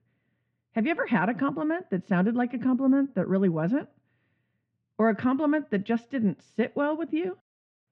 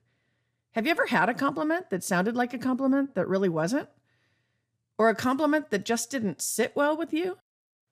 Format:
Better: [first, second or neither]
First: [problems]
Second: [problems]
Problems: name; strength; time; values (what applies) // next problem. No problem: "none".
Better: second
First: muffled; very; fading above 3 kHz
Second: none